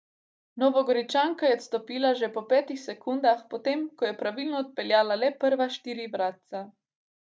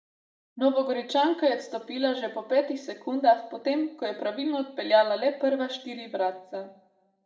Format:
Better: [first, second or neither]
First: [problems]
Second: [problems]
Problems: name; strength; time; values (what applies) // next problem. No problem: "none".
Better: first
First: none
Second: room echo; dies away in 0.7 s